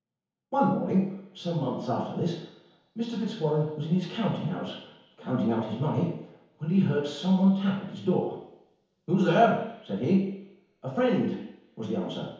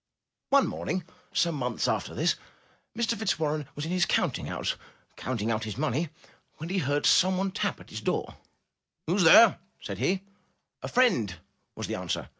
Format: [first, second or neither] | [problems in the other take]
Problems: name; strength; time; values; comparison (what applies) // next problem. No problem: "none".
second | room echo; dies away in 1 s